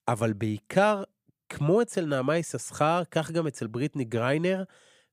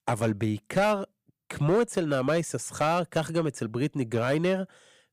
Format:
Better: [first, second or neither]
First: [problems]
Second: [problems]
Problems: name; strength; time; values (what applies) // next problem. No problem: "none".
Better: first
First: none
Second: distortion; slight; 4% of the sound clipped